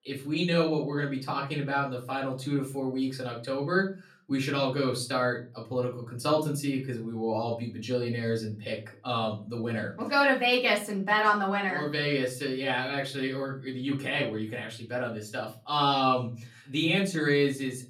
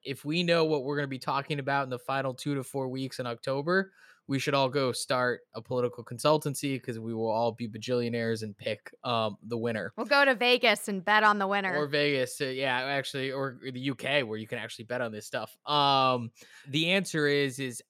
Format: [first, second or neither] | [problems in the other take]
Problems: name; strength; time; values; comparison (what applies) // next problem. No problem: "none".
second | off-mic speech; far // room echo; very slight; dies away in 0.4 s